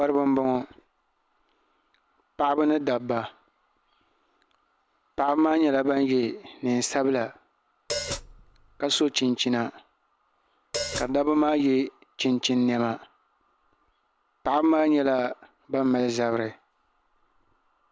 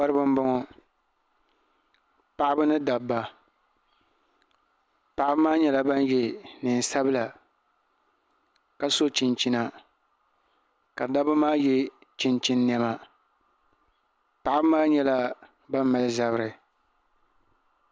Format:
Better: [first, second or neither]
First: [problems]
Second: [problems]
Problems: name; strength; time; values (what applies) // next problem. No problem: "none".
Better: second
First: background sound (Hi-hat); 7 dB below the speech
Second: none